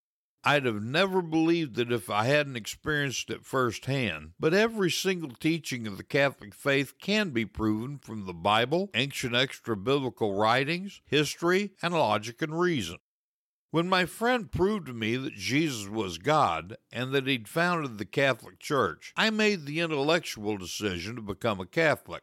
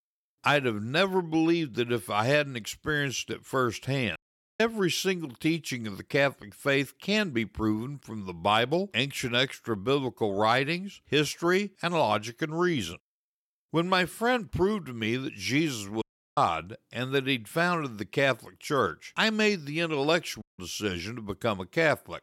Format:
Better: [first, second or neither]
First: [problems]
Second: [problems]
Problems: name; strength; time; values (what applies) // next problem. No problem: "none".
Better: first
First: none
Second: audio cutting out; at 4 s, at 16 s and at 20 s